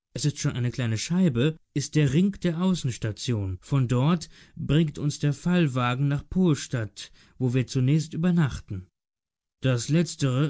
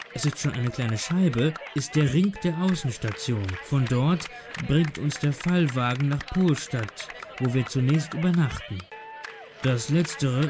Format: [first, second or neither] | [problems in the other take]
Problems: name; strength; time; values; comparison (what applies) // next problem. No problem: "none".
first | background sound (Clapping); 15 dB below the speech